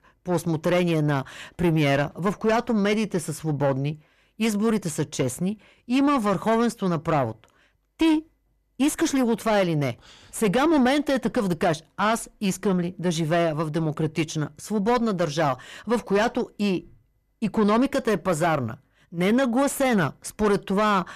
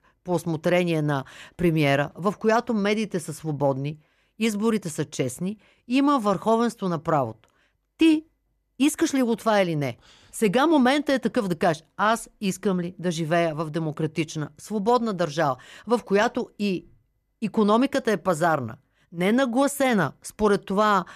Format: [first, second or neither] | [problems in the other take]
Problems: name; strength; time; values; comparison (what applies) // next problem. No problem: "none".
second | distortion; slight; 10 dB below the speech